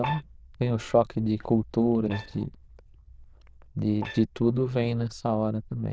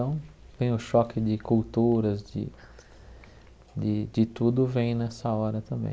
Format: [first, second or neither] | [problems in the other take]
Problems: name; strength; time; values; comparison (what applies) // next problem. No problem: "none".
second | noise reduction (neural diffusion model UNIVERSE++)